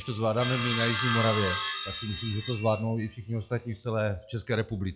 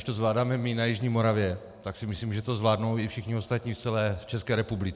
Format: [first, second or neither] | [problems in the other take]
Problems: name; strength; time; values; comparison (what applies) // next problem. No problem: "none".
second | noise reduction (classical method log-MMSE)